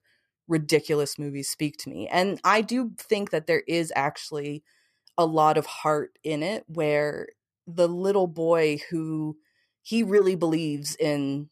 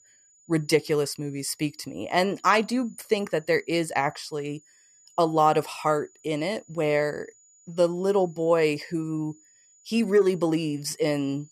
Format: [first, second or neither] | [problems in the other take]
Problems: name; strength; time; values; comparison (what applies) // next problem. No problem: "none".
first | high-pitched whine; faint; throughout; 7 kHz, 30 dB below the speech